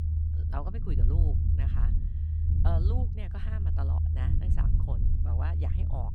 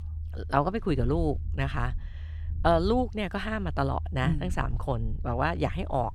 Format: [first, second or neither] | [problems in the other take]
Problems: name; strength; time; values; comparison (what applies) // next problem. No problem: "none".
second | low rumble; loud; throughout; as loud as the speech; faint in the second